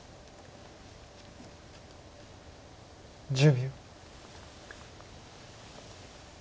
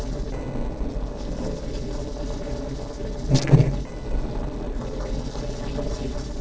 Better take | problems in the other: first | noise reduction (neural separator model SepFormer DNS4)

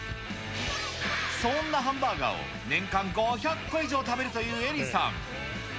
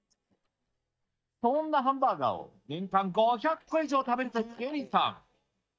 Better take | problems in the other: first | noise reduction (neural mask model DeepFilterNet 3)

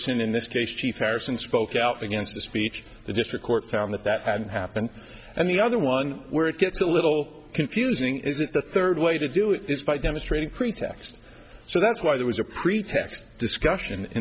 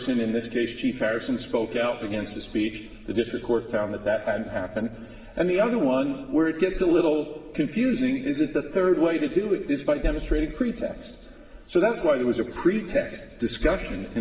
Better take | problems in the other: first | room echo; dies away in 1.6 s

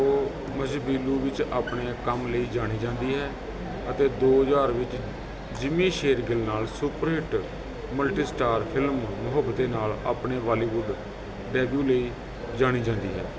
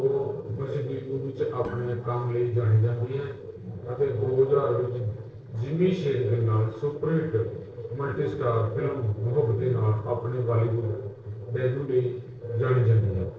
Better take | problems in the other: first | noise reduction (neural separator model SepFormer DNS4)

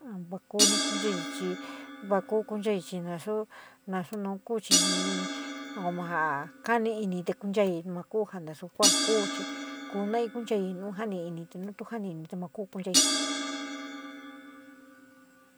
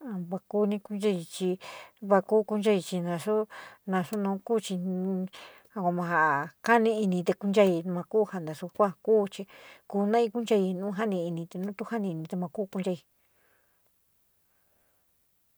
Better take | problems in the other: second | background sound (Crash cymbal); as loud as the speech

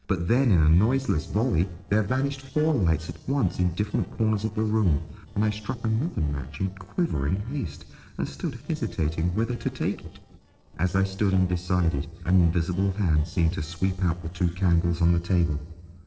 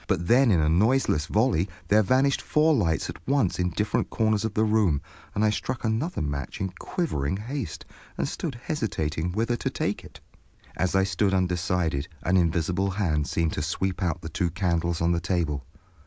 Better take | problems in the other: second | noise reduction (neural separator model SepFormer DNS4)

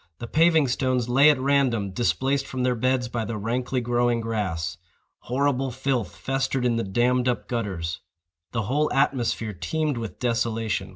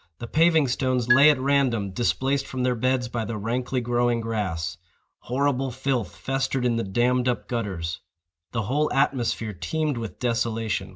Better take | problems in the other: first | background sound (Marimba, xylophone); 7 dB below the speech

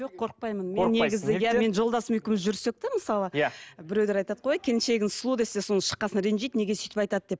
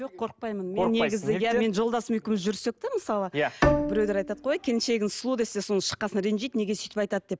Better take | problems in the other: first | background sound (Bowed string instrument); 1 dB below the speech

